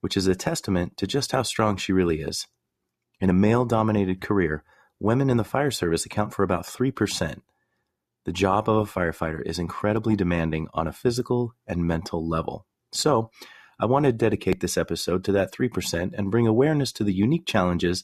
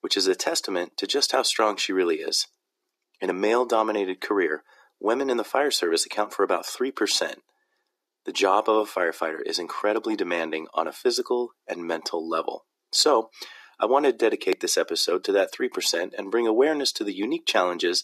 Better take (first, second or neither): first